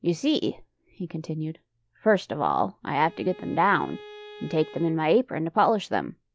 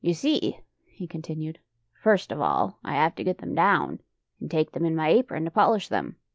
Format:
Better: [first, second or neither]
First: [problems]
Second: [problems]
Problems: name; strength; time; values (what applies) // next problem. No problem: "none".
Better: second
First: background sound (Bowed string instrument); 19 dB below the speech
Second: none